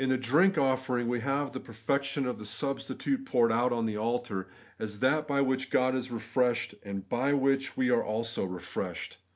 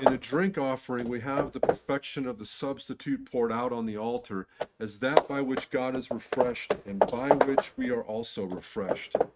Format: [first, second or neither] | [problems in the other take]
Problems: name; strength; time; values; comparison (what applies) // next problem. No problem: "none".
first | noise reduction (neural mask model RNNoise)